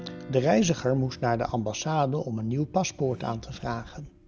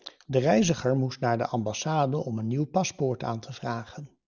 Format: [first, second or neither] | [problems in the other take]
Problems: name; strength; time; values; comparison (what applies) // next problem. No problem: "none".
second | background sound (Accelerating, revving, vroom + Guitar); 18 dB below the speech